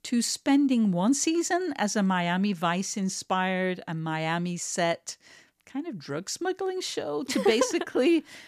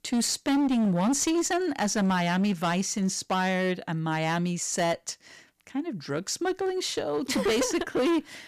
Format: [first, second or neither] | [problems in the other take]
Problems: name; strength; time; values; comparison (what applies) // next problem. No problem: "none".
first | distortion; slight; 15% of the sound clipped